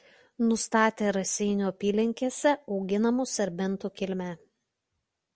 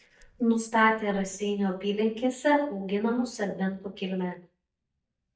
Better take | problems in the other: first | noise reduction (neural mask model DeepFilterNet 3)

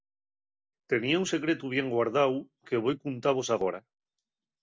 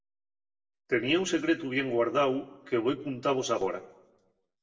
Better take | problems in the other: first | room echo; dies away in 0.7 s

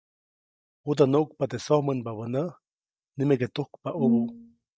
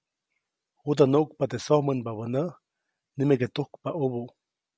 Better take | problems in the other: second | noise reduction (neural mask model DeepFilterNet 3)

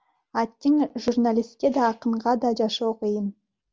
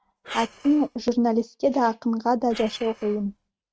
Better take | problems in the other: first | noise reduction (neural mask model RNNoise)

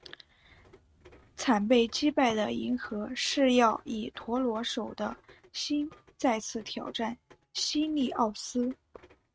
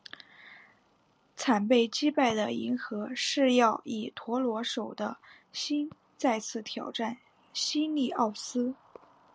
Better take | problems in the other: second | noise reduction (neural mask model RNNoise)

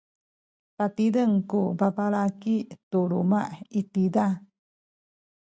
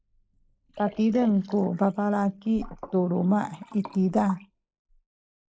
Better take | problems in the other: first | noise reduction (neural mask model Resemble Enhance denoiser)

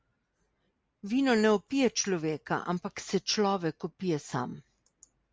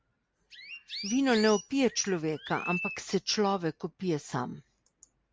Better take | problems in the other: first | background sound (Chirp, tweet); 11 dB below the speech

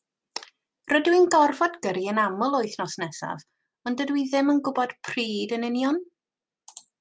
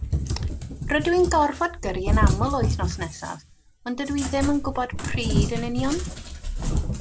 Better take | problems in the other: first | background sound (Cat); 1 dB above the speech

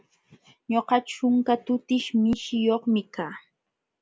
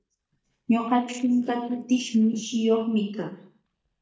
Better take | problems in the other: first | noise reduction (neural mask model DeepFilterNet 3)

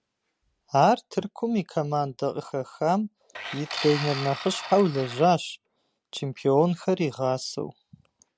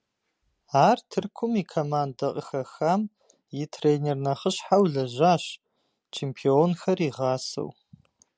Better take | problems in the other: second | background sound (Tools); 11 dB below the speech

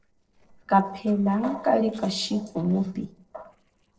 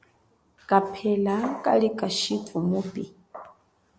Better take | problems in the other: second | noise reduction (neural separator model SepFormer DNS4)

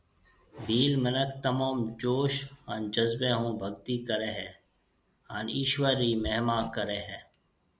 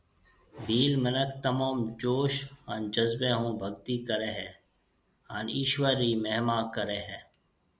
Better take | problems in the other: second | background sound (Hammer); 15 dB below the speech

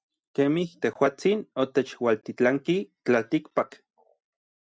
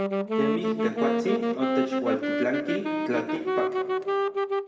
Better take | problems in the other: first | background sound (Wind instrument, woodwind instrument); 5 dB above the speech // room echo; dies away in 2 s

